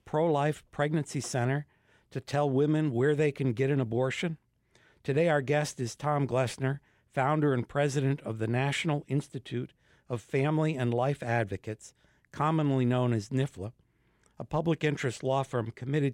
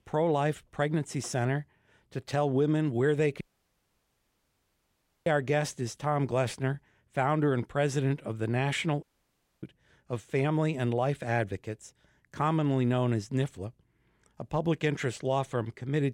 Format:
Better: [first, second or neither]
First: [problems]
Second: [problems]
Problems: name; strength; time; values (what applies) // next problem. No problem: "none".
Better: first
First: none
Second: audio cutting out; at 3.5 s for 2 s and at 9 s for 0.5 s